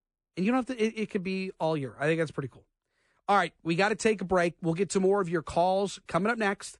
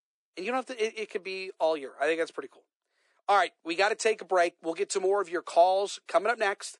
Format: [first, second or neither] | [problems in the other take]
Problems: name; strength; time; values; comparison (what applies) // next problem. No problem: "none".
first | thin; very; fading below 350 Hz